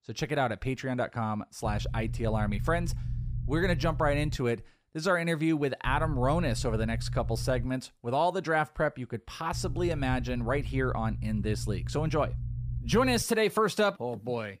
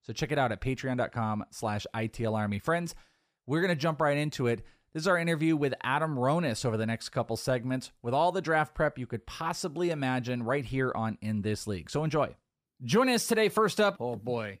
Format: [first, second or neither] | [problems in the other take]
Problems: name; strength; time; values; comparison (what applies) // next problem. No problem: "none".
second | low rumble; noticeable; from 1.5 to 4.5 s, from 6 to 7.5 s and from 9.5 to 13 s; 20 dB below the speech